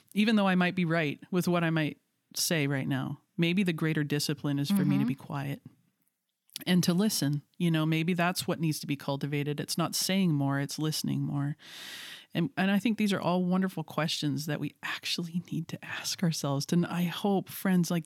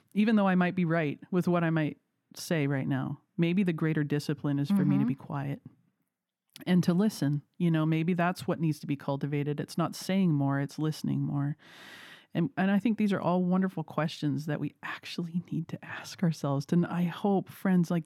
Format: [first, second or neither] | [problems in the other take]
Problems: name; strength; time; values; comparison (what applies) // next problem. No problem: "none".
first | muffled; slightly; fading above 2.5 kHz